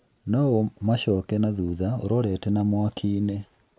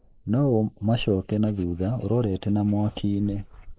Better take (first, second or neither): first